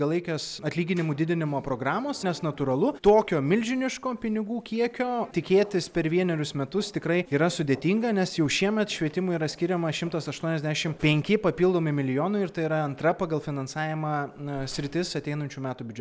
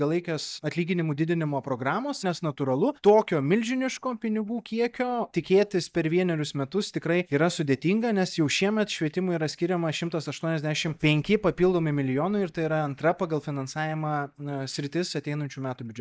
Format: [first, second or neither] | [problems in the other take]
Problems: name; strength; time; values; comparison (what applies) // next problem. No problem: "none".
first | noise reduction (neural mask model DeepFilterNet 3)